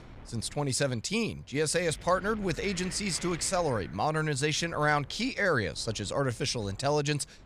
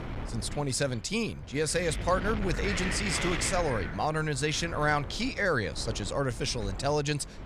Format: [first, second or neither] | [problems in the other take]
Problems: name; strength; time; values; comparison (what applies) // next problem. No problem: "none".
first | wind noise on the microphone; heavy; 7 dB below the speech; occasional gusts in the first